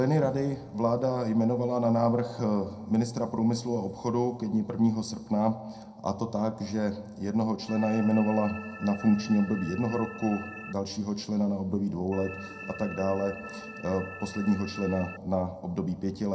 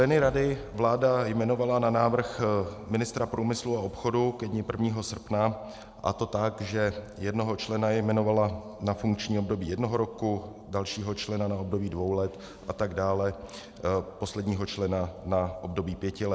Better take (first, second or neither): second